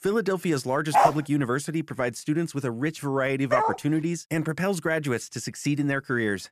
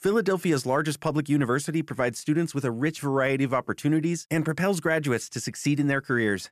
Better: second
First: dog barking; loud; at 1 s and at 3.5 s; peak 6 dB above the speech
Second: none

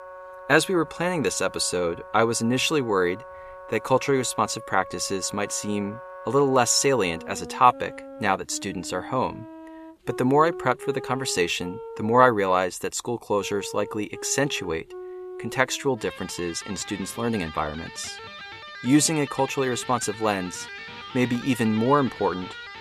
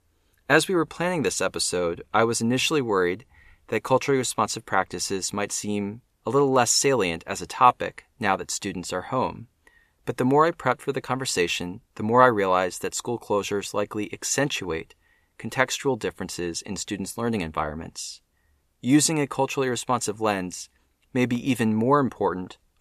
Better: second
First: background music; noticeable; throughout; 15 dB below the speech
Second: none

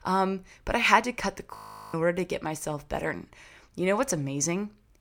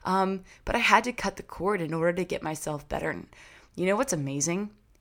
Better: second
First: audio freezing; at 1.5 s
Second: none

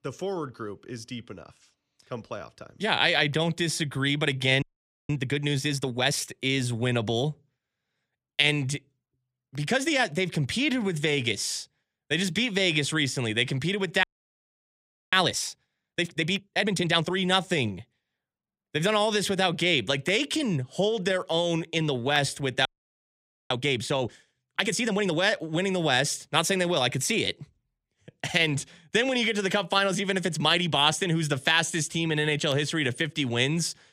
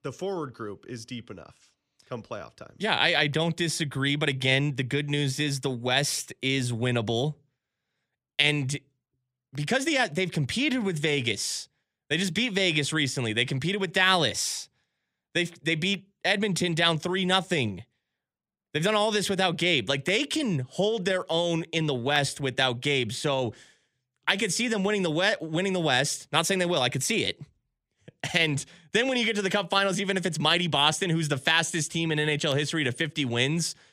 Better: second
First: audio freezing; at 4.5 s, at 14 s for 1 s and at 23 s for 1 s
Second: none

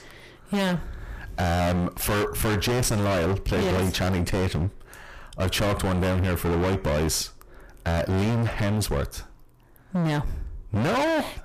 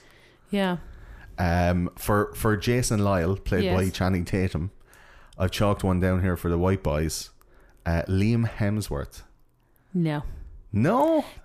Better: second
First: distortion; heavy; 33% of the sound clipped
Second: none

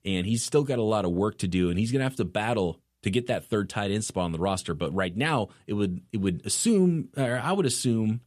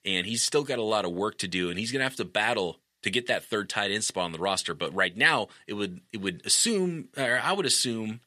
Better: first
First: none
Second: thin; somewhat; fading below 1 kHz

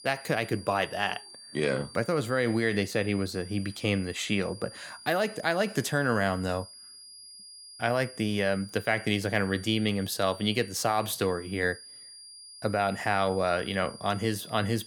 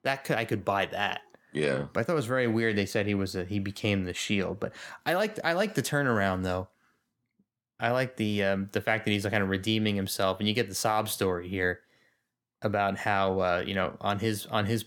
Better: second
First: high-pitched whine; noticeable; throughout; 5 kHz, 15 dB below the speech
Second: none

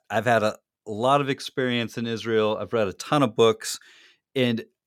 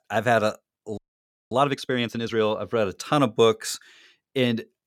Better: first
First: none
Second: audio freezing; at 1 s for 0.5 s

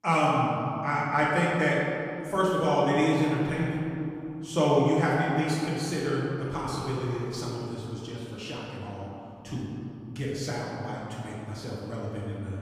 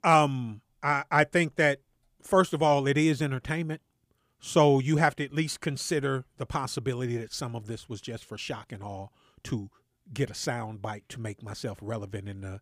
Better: second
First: room echo; strong; dies away in 2.7 s // off-mic speech; far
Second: none

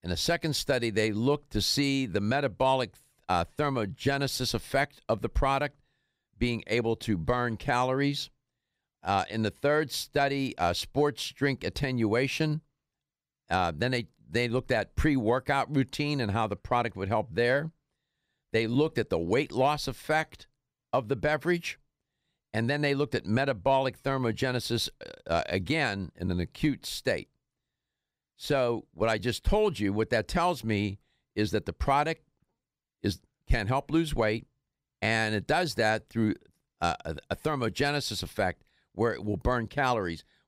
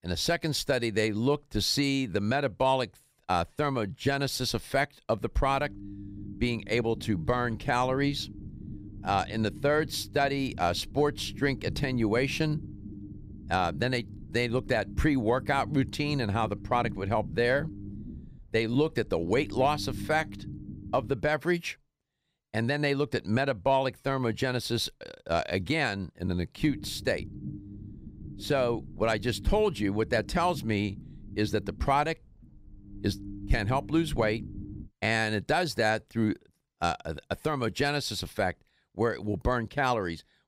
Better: first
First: none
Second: low rumble; faint; from 5.5 to 21 s and from 27 to 35 s; 20 dB below the speech

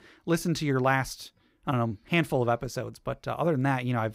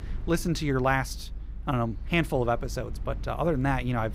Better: first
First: none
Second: low rumble; faint; throughout; 25 dB below the speech

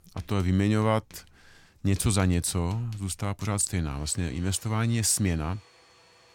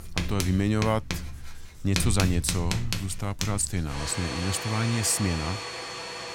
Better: first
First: household noises; faint; throughout; 25 dB below the speech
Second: household noises; loud; throughout; 5 dB below the speech

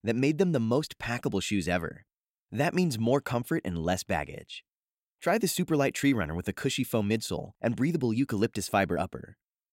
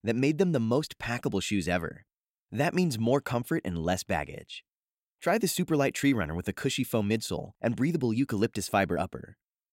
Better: neither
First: none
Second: none

